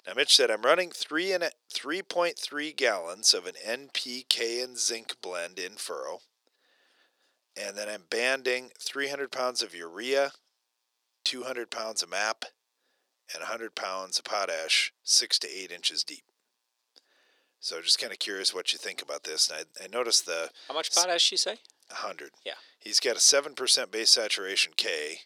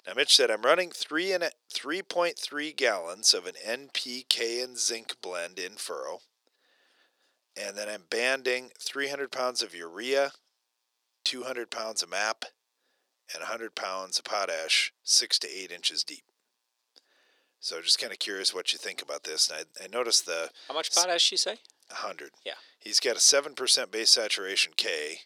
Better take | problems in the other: neither | thin; very; fading below 400 Hz; the same in both

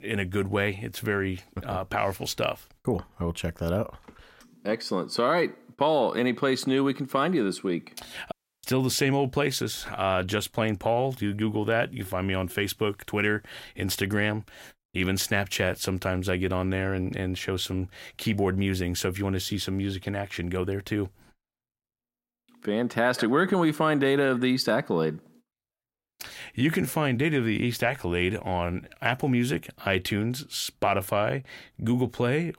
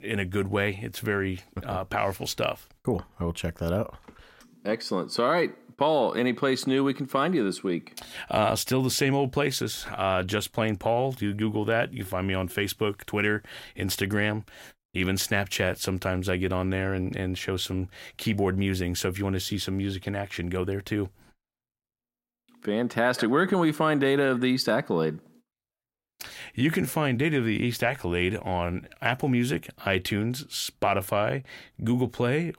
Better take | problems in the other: second | audio cutting out; at 8.5 s

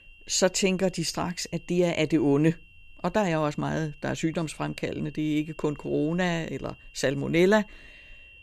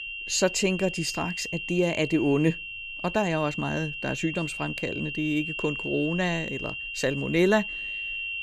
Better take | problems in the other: first | high-pitched whine; loud; throughout; 3 kHz, 5 dB below the speech; faint in the first

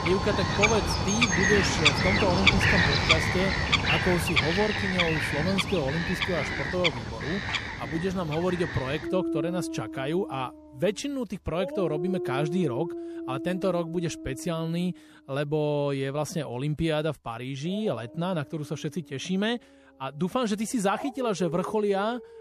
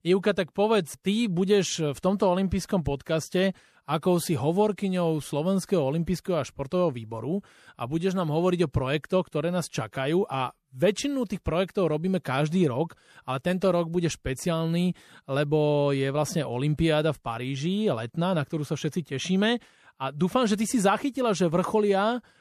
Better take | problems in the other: second | animal sounds; very loud; throughout; 3 dB above the speech

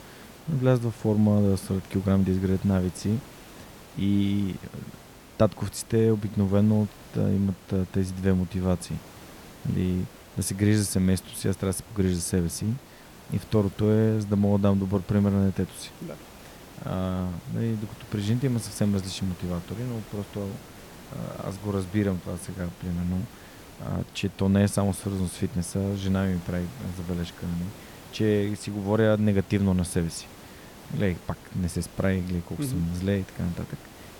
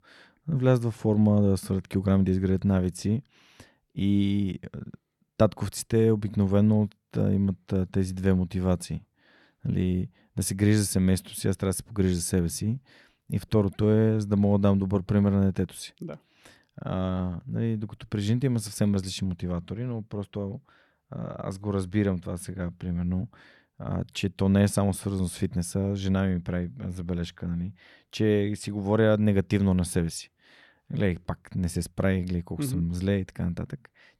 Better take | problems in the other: second | hiss; noticeable; throughout; 20 dB below the speech

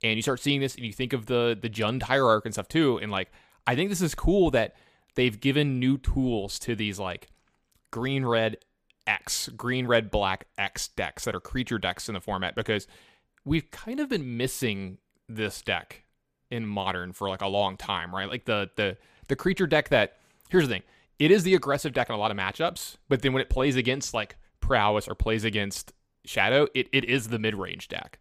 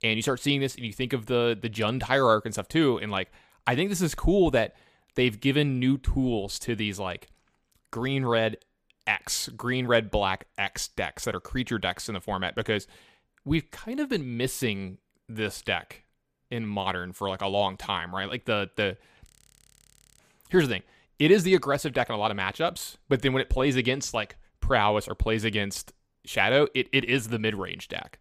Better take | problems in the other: first | audio freezing; at 19 s for 1 s

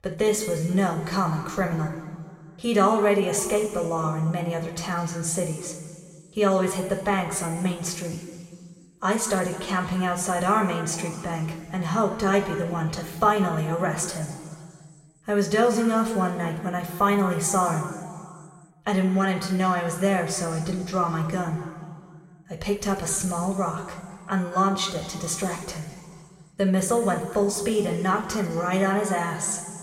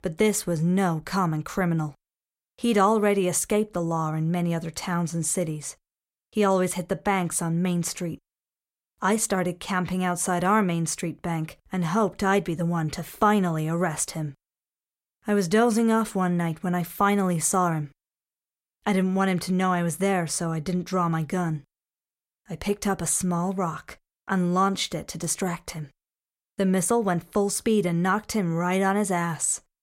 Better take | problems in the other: second | room echo; noticeable; dies away in 1.8 s // off-mic speech; somewhat distant

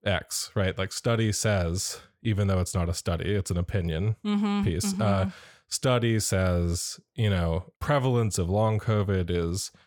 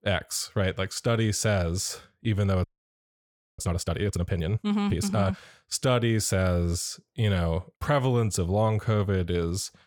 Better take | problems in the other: first | audio freezing; at 2.5 s for 1 s

